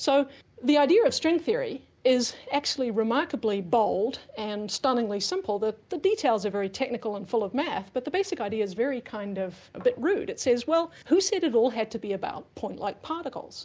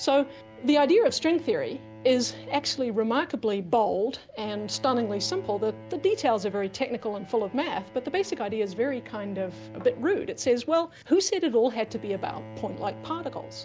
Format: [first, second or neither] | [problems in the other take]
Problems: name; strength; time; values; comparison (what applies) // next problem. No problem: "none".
first | background sound (Bowed string instrument); 18 dB below the speech